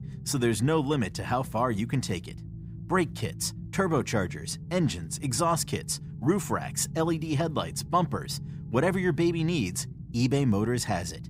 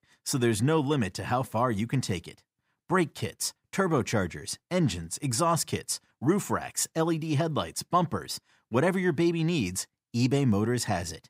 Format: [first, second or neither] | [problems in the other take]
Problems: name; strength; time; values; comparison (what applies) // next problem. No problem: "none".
second | low rumble; faint; throughout; 20 dB below the speech